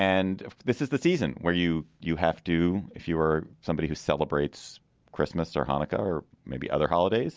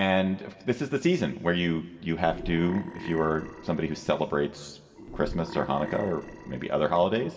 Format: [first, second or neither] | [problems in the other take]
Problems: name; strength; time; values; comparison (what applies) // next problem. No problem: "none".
first | background sound (Burping, eructation); 13 dB below the speech // room echo; dies away in 1.3 s